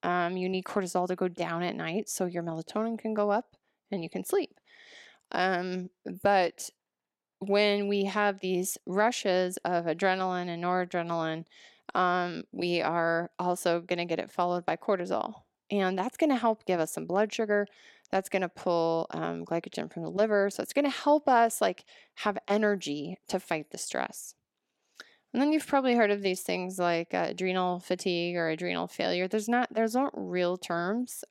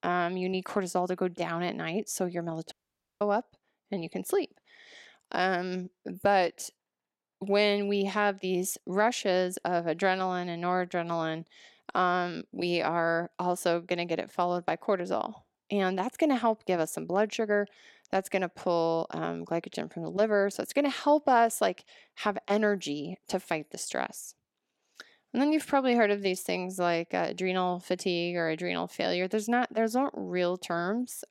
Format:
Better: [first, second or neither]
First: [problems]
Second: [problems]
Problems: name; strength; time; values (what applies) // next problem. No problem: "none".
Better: first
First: none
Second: audio cutting out; at 2.5 s